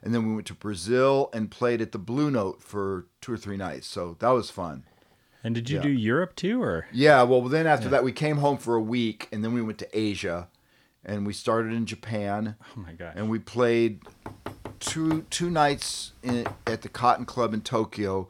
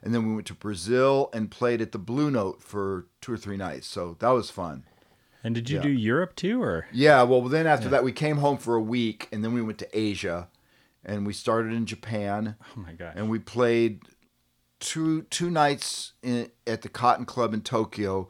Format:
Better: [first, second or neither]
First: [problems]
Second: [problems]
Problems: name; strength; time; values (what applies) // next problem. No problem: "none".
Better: second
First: door banging; noticeable; from 14 to 17 s; peak 9 dB below the speech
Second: none